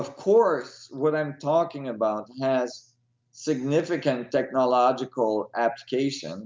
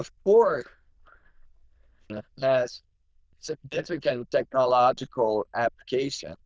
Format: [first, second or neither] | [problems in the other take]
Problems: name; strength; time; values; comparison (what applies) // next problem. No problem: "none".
first | noise reduction (neural diffusion model UNIVERSE++)